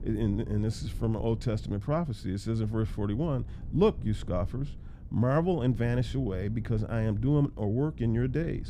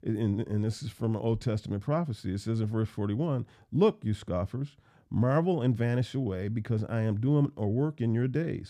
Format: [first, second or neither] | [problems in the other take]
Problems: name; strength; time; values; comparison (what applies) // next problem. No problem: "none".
second | wind noise on the microphone; occasional gusts; 20 dB below the speech